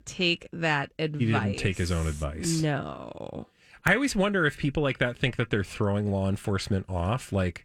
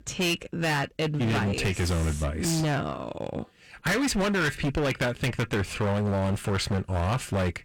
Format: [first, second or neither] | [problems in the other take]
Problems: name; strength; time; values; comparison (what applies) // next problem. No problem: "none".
first | distortion; heavy; 24% of the sound clipped